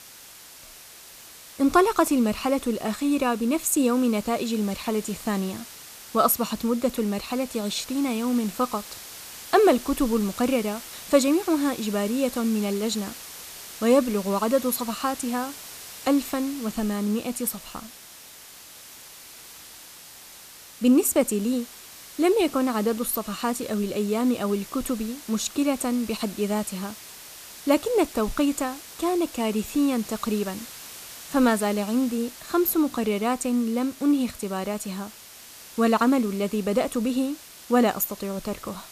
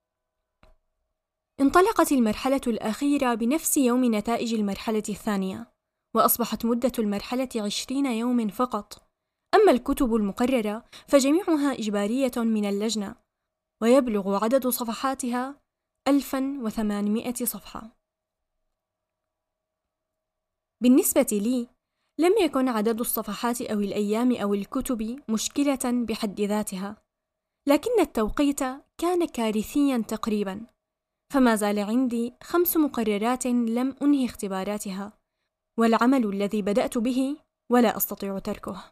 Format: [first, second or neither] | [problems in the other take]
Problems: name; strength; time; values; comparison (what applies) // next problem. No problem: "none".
second | hiss; noticeable; throughout; 15 dB below the speech